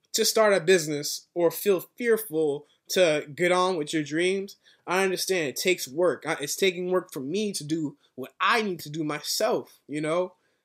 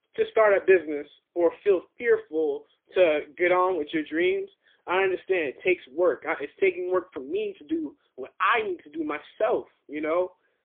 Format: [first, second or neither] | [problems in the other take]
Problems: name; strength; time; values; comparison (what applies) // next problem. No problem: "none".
first | phone-call audio; poor line; nothing above 3.5 kHz